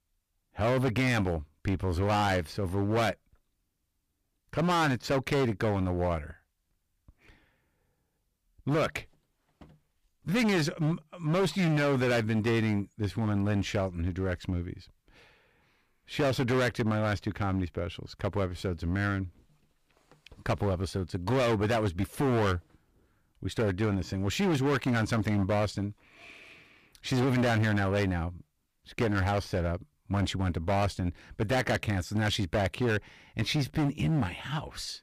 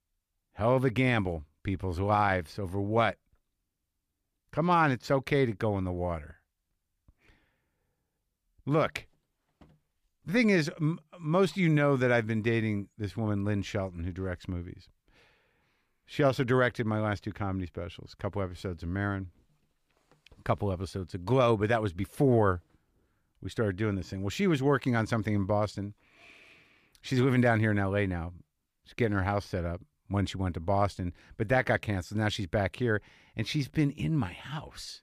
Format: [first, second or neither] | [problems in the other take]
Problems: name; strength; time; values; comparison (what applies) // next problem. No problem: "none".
second | distortion; heavy; 12% of the sound clipped